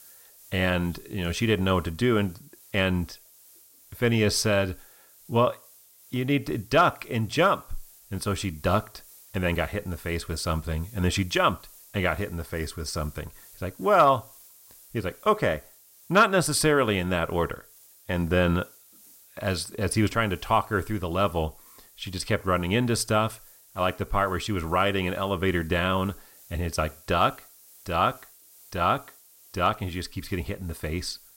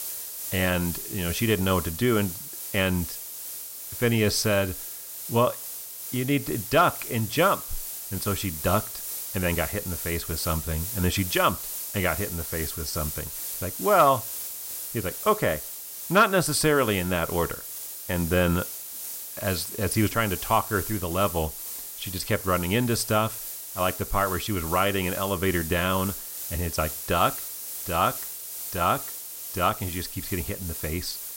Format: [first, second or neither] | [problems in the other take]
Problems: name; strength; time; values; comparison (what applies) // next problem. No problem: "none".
first | hiss; loud; throughout; 7 dB below the speech; faint in the first